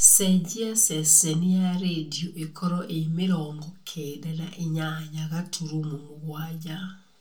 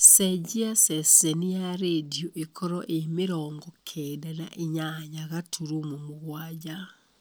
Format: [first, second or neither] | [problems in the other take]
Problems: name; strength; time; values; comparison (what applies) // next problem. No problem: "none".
second | room echo; dies away in 0.2 s